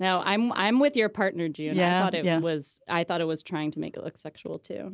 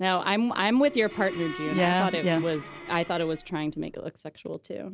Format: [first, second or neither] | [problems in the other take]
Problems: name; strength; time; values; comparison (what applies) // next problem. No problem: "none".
first | background sound (Bowed string instrument); 14 dB below the speech